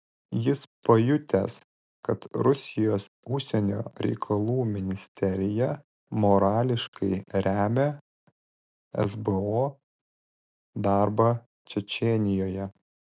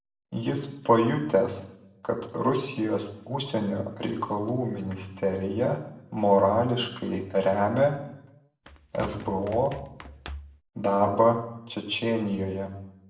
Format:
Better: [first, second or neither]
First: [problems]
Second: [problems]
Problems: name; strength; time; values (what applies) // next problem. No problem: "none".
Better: first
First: none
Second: background sound (Run); 16 dB below the speech // room echo; dies away in 0.7 s